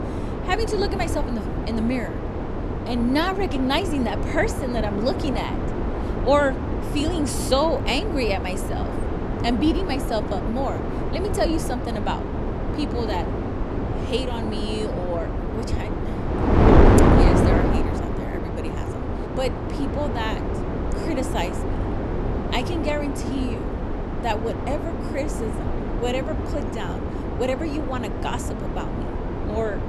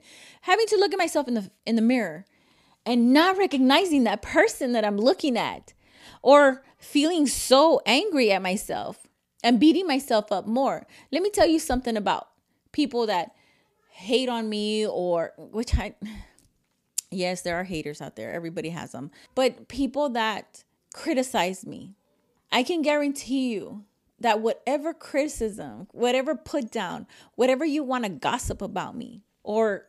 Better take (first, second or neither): second